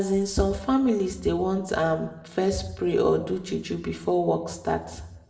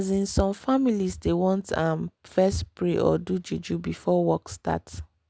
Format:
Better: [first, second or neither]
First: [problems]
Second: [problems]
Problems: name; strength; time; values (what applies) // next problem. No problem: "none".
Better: second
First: room echo; dies away in 0.7 s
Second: none